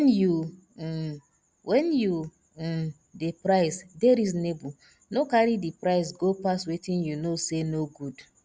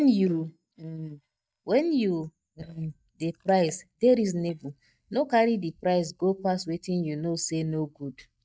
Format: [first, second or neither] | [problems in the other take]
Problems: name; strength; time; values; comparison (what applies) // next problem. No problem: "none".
first | noise reduction (neural mask model DeepFilterNet 3)